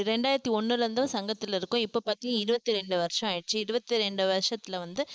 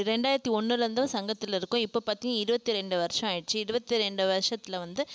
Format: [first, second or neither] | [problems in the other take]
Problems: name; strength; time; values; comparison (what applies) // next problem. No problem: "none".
second | noise reduction (neural mask model Resemble Enhance denoiser)